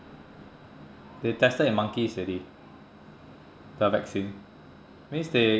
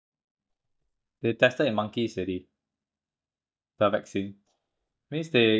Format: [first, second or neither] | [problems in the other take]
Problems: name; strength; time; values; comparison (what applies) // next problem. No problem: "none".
first | noise reduction (neural mask model DeepFilterNet 3)